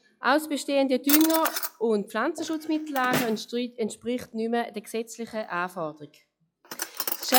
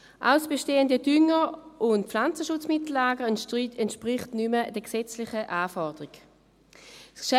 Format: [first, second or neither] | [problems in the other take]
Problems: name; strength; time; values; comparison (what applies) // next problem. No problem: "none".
second | noise reduction (classical method log-MMSE)